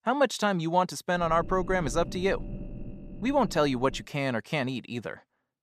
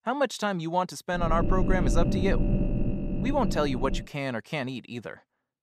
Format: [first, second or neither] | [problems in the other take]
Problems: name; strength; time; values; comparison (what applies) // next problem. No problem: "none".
first | low rumble; loud; from 1 to 4 s; 7 dB below the speech; faint in the first